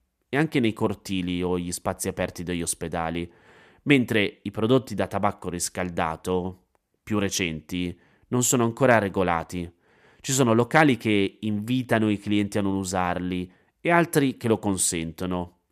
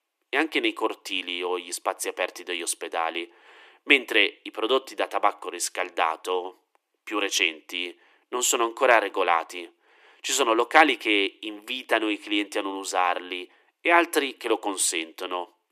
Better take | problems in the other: first | thin; very; fading below 300 Hz

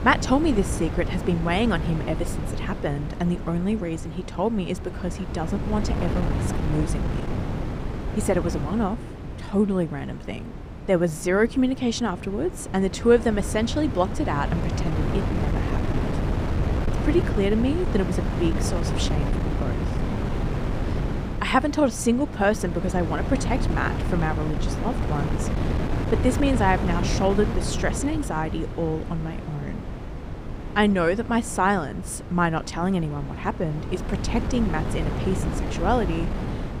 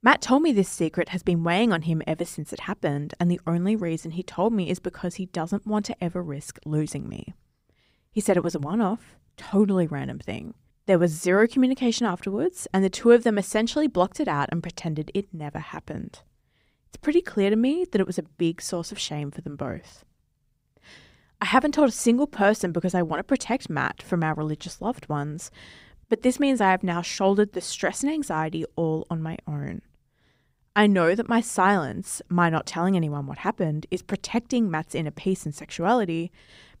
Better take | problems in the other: second | wind noise on the microphone; heavy; 8 dB below the speech

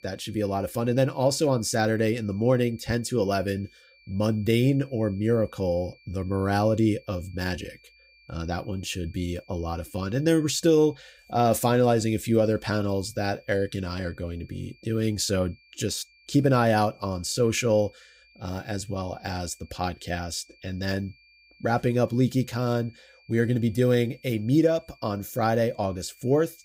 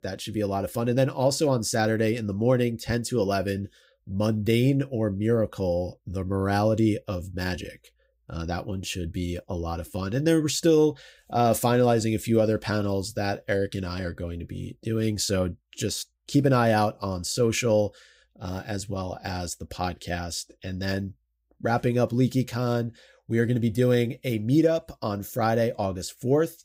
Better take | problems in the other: second | high-pitched whine; faint; throughout; 2.5 kHz, 30 dB below the speech

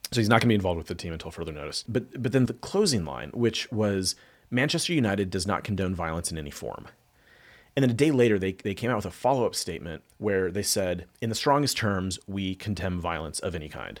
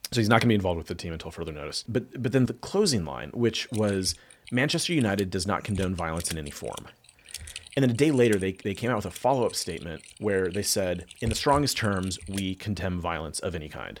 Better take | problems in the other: first | keyboard typing; noticeable; from 3.5 to 12 s; peak 8 dB below the speech

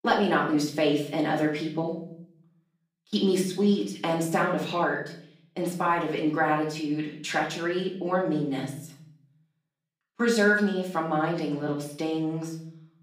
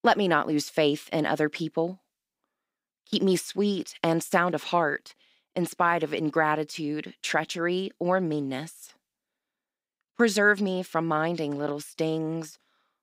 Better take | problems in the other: second | room echo; slight; dies away in 0.6 s // off-mic speech; far

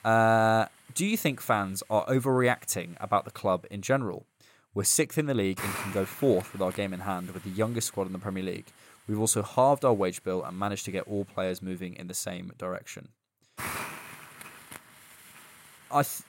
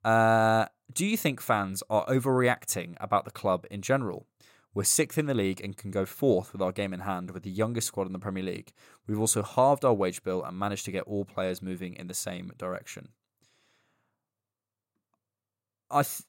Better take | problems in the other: second | hiss; noticeable; throughout; 15 dB below the speech

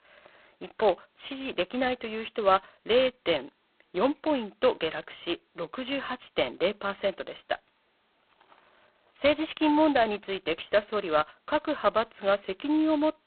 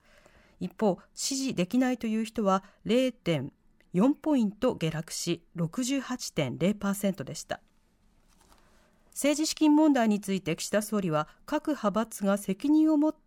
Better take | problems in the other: second | phone-call audio; poor line; nothing above 4 kHz

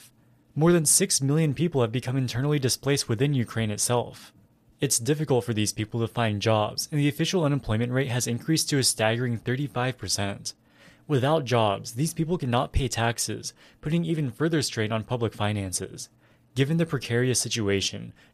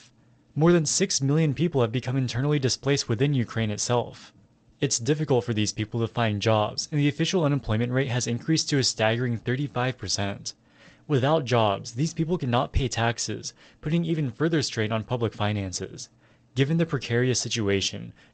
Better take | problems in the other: first | garbled, watery; slightly; nothing above 7.5 kHz

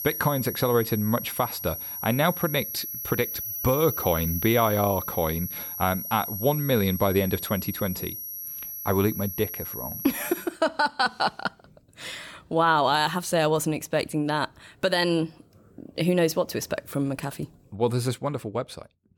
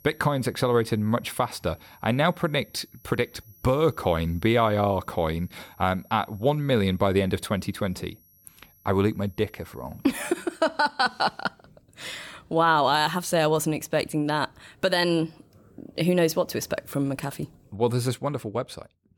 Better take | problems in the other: second | high-pitched whine; loud; until 10 s; 11.5 kHz, 6 dB below the speech; faint in the second

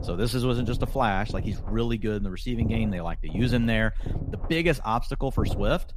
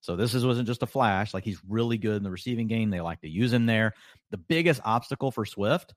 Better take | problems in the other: second | low rumble; noticeable; throughout; 15 dB below the speech

